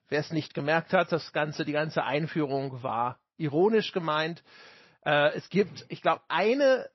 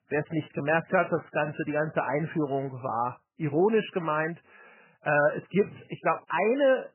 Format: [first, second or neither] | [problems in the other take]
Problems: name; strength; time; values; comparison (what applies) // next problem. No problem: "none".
first | garbled, watery; badly; nothing above 3 kHz; slightly in the first